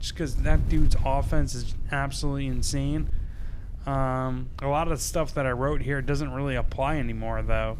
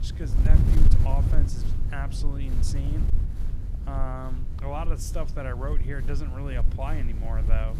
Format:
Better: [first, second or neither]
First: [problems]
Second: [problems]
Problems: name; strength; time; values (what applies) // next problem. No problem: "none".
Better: first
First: wind noise on the microphone; occasional gusts; 20 dB below the speech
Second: wind noise on the microphone; heavy; 5 dB below the speech